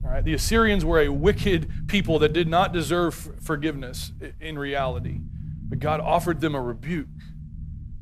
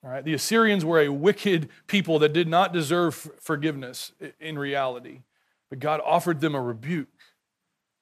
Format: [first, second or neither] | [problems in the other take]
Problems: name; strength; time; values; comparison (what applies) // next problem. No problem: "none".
second | low rumble; faint; throughout; 20 dB below the speech